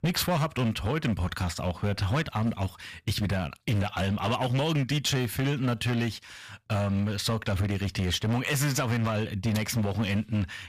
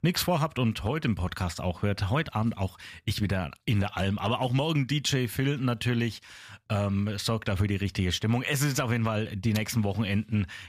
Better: second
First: distortion; slight; 12% of the sound clipped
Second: none

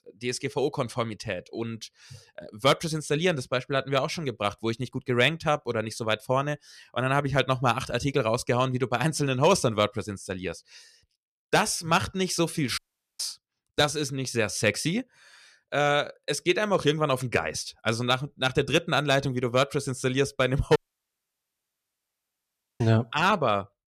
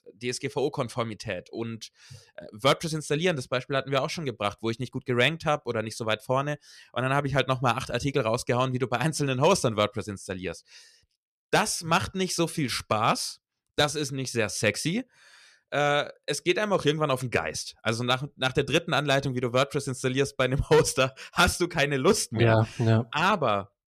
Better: second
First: audio cutting out; at 13 s and at 21 s for 2 s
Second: none

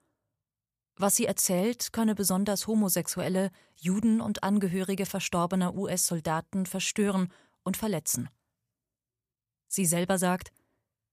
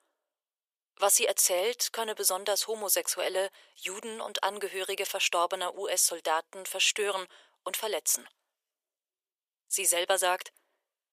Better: first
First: none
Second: thin; very; fading below 400 Hz

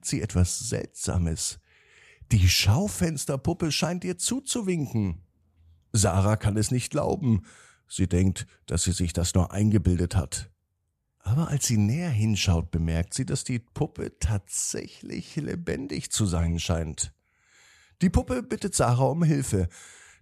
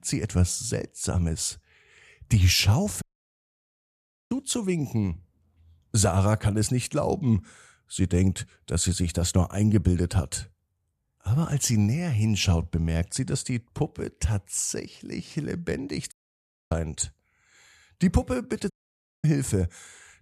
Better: first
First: none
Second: audio cutting out; at 3 s for 1.5 s, at 16 s for 0.5 s and at 19 s for 0.5 s

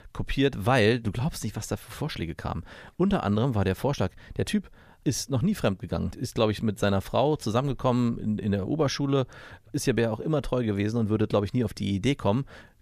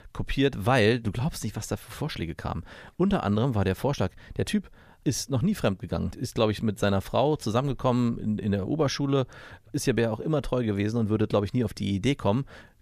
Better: neither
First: none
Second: none

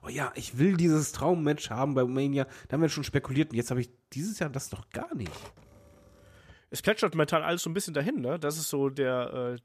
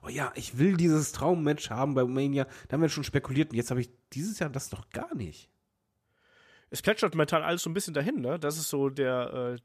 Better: second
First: keyboard typing; faint; from 5 to 6.5 s; peak 15 dB below the speech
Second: none

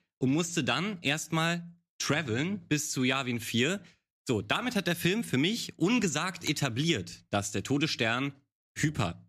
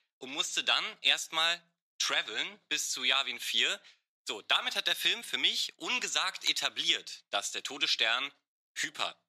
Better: first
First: none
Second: thin; very; fading below 800 Hz

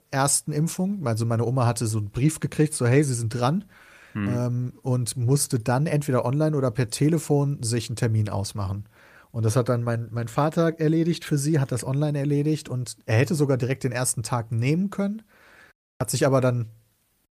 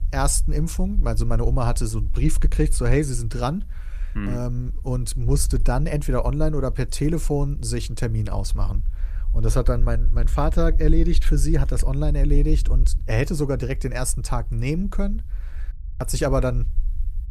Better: first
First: none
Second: low rumble; faint; throughout; 20 dB below the speech

